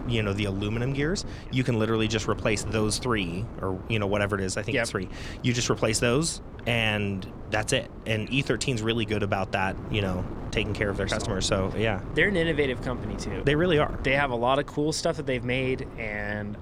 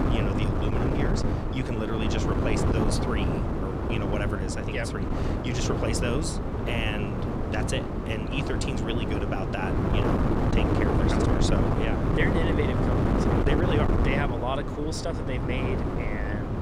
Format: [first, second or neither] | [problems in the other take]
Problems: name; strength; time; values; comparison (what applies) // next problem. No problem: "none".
first | wind noise on the microphone; heavy; 2 dB above the speech; occasional gusts in the first